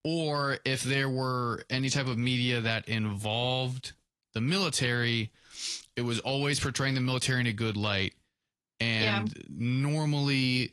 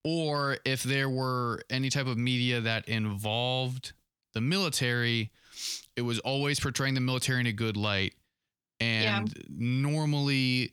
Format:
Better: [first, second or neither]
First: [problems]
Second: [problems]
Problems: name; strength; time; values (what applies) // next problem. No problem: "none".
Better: second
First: garbled, watery; slightly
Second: none